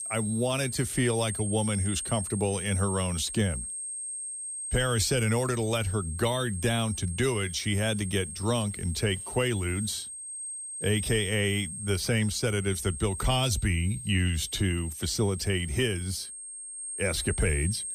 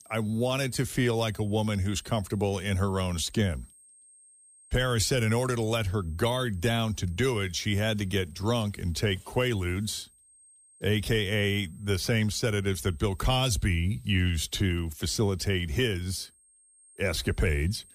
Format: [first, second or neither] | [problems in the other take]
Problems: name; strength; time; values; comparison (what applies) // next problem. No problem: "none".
second | high-pitched whine; loud; throughout; 8.5 kHz, 7 dB below the speech; faint in the second